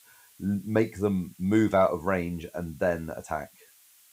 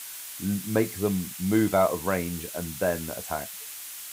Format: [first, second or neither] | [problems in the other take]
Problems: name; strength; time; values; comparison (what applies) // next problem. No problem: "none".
first | hiss; loud; throughout; 9 dB below the speech; faint in the first